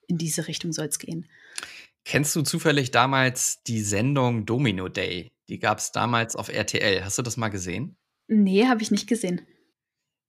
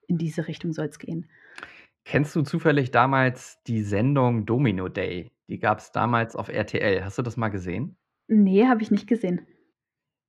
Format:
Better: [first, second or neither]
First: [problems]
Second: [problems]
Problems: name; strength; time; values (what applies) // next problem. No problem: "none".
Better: first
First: none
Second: muffled; very; fading above 3.5 kHz